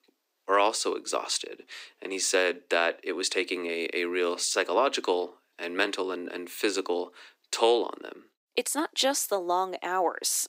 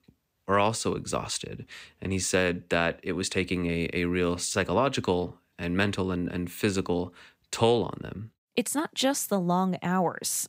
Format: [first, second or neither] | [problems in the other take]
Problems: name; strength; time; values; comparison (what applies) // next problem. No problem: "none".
second | thin; somewhat; fading below 300 Hz